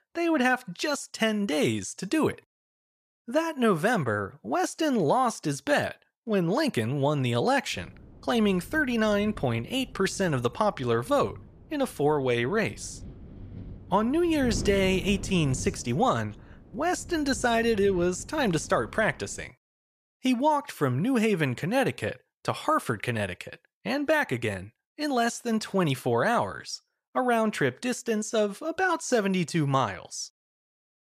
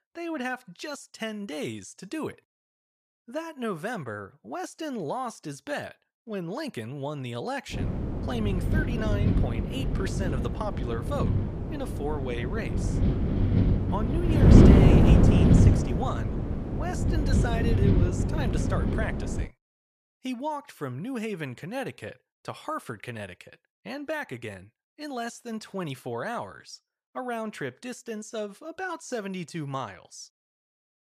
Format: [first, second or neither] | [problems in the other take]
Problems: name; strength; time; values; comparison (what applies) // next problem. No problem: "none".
first | wind noise on the microphone; heavy; from 7.5 to 19 s; 3 dB above the speech; occasional gusts in the first